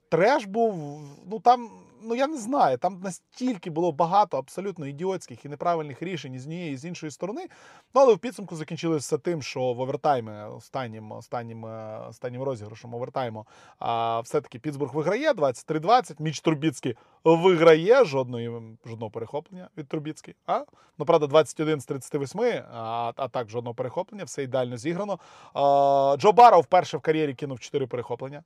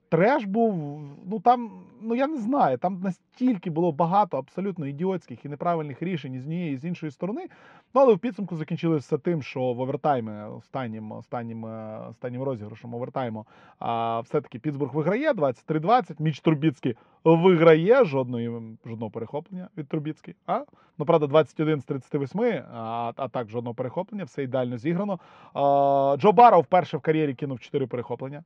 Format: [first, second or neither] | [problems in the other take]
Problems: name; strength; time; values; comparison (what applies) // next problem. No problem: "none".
first | muffled; slightly; fading above 2.5 kHz